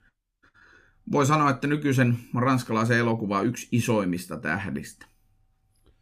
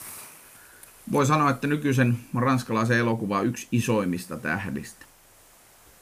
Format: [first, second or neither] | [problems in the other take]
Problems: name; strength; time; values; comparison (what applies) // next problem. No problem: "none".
first | hiss; faint; throughout; 25 dB below the speech